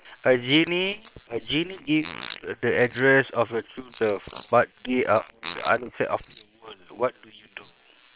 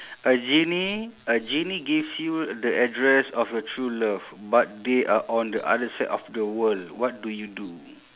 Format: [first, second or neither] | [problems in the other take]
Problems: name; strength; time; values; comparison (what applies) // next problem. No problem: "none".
second | noise reduction (neural separator model SepFormer WHAM!)